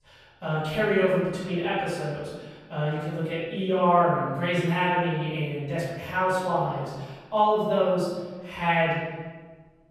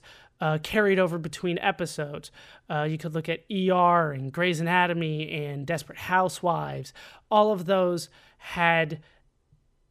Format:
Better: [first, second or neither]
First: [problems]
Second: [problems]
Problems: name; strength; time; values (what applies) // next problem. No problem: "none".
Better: second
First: off-mic speech; far // room echo; strong; dies away in 1.3 s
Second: none